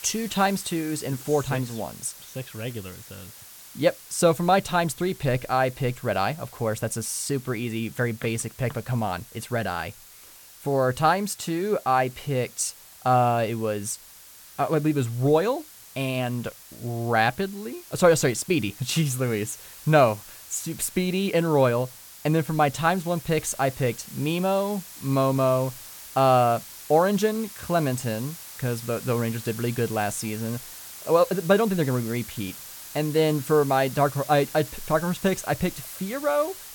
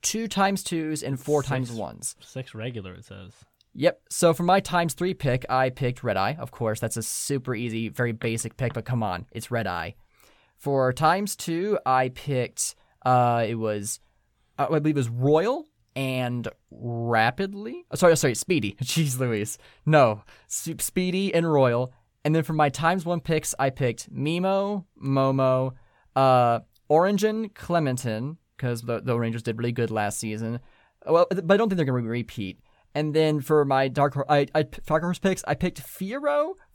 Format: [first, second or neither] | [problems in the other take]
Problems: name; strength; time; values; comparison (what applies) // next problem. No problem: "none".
second | hiss; noticeable; throughout; 15 dB below the speech